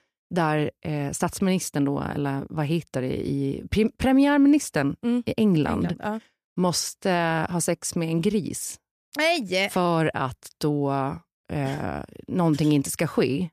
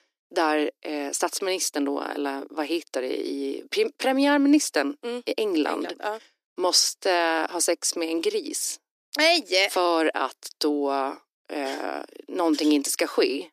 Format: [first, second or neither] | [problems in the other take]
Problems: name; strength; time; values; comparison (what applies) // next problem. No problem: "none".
first | thin; very slightly; fading below 300 Hz